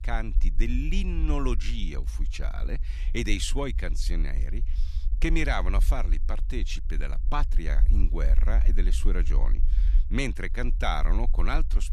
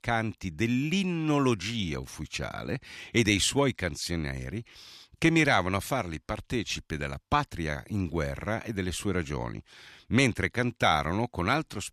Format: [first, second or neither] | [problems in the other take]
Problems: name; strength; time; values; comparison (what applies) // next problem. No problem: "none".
second | low rumble; noticeable; throughout; 20 dB below the speech